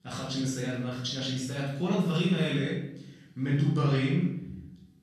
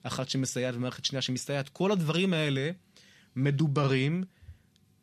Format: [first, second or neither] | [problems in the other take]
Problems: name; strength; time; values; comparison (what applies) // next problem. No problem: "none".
second | off-mic speech; far // room echo; noticeable; dies away in 0.6 s